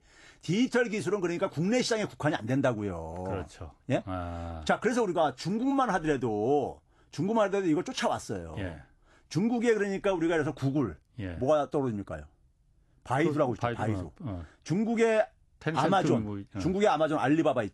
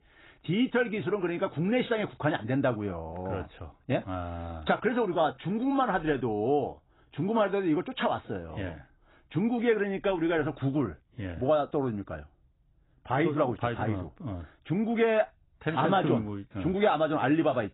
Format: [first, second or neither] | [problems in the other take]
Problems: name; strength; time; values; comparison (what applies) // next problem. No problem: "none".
first | garbled, watery; badly; nothing above 4 kHz; slightly in the first